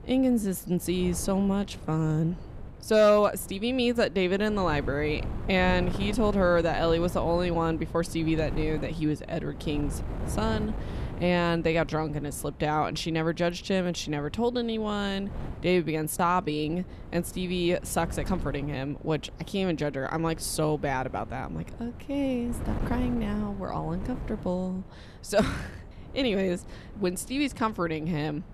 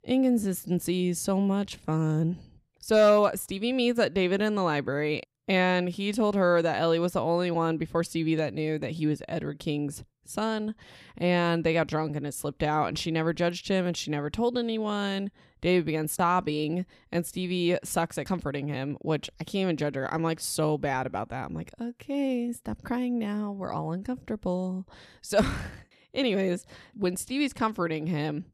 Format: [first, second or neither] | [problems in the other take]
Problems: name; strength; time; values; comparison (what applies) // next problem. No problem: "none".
second | wind noise on the microphone; occasional gusts; 15 dB below the speech